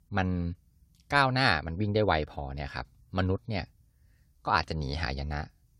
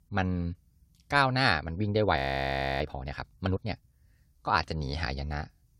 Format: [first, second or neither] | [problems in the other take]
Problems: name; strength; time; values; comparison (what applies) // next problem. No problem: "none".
first | audio freezing; at 2 s for 0.5 s